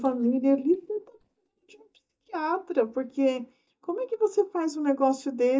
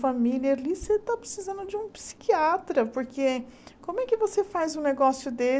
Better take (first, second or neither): second